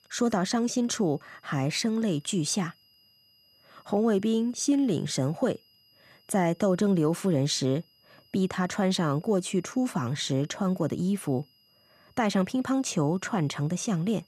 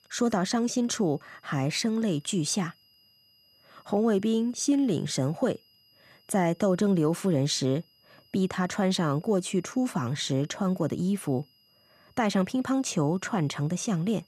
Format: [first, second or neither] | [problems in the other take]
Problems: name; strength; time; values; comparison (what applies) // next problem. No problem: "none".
neither | high-pitched whine; faint; throughout; 5 kHz, 35 dB below the speech; the same in both